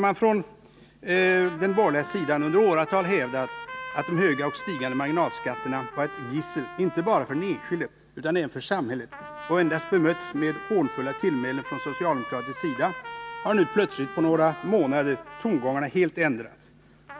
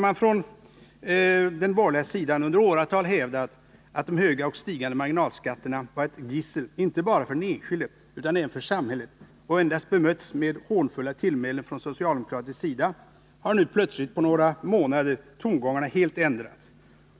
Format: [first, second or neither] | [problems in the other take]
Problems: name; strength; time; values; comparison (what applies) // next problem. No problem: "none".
second | background sound (Trumpet); 13 dB below the speech